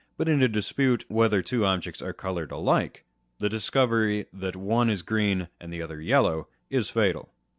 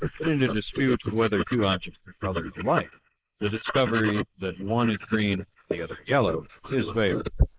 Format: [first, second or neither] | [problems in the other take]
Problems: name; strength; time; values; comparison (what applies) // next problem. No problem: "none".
first | noise reduction (neural mask model Resemble Enhance denoiser)